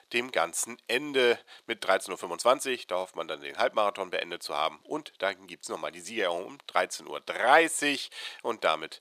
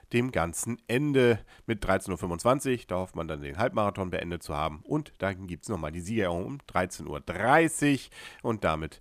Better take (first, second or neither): second